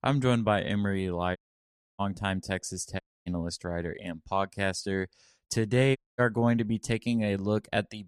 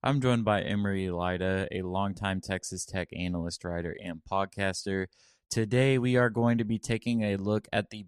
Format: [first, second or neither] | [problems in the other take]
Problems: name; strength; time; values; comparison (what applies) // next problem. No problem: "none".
second | audio cutting out; at 1.5 s for 0.5 s, at 3 s and at 6 s